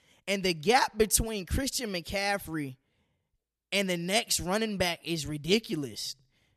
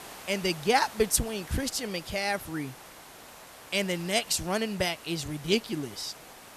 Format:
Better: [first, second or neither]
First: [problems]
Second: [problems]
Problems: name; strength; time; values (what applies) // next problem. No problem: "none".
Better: first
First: none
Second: hiss; noticeable; throughout; 15 dB below the speech